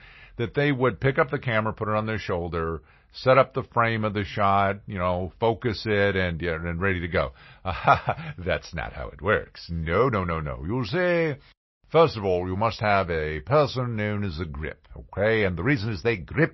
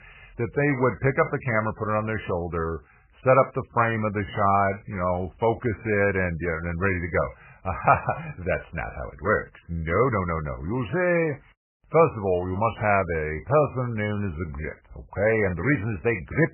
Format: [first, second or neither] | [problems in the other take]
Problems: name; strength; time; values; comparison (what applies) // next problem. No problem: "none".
first | garbled, watery; badly; nothing above 2.5 kHz; slightly in the first